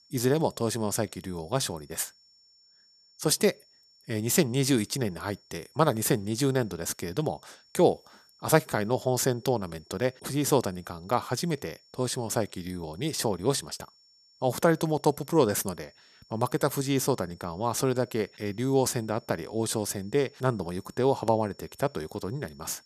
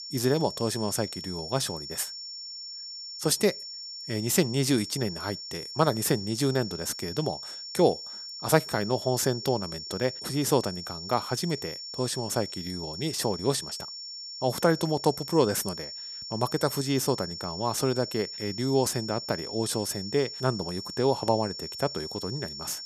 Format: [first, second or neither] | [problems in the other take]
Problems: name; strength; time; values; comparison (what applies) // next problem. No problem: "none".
first | high-pitched whine; loud; throughout; 5.5 kHz, 8 dB below the speech; faint in the first